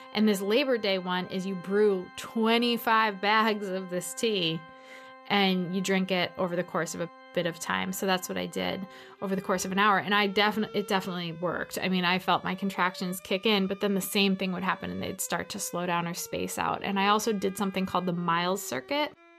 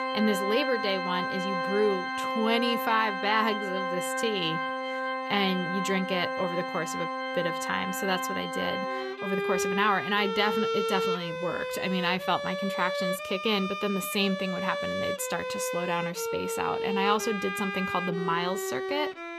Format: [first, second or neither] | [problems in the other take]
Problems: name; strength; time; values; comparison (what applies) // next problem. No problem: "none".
first | background music; loud; throughout; 2 dB below the speech; faint in the first